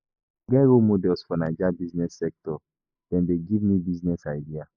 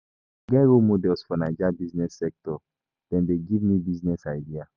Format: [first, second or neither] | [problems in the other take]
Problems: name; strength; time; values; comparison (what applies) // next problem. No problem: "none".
second | noise reduction (neural mask model Resemble Enhance denoiser)